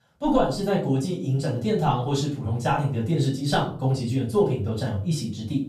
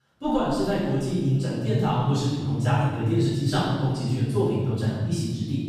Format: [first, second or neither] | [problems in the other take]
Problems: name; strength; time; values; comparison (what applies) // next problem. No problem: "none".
first | room echo; strong; dies away in 1.8 s; slight in the first // off-mic speech; far; far in the first